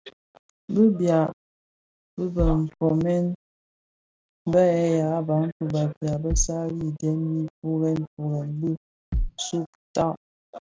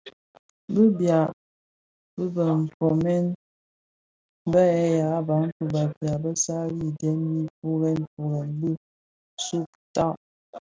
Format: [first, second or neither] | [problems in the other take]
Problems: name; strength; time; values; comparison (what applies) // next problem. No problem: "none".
second | background sound (Bass drum); 1 dB below the speech